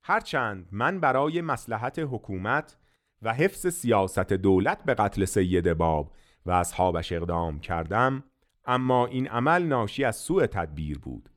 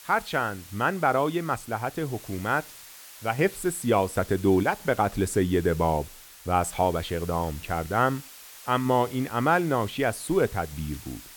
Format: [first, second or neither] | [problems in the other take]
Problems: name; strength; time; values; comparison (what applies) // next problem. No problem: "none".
first | hiss; noticeable; throughout; 20 dB below the speech